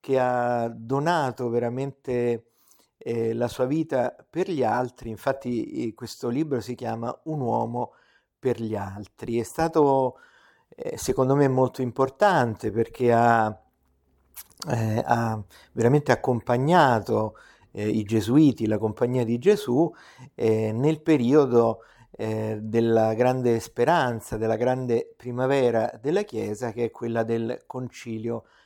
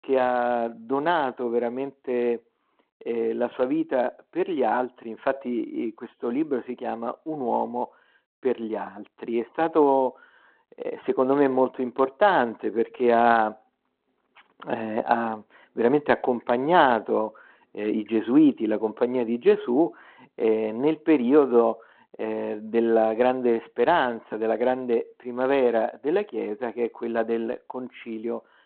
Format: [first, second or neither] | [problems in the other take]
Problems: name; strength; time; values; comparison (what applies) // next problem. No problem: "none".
first | phone-call audio; nothing above 3.5 kHz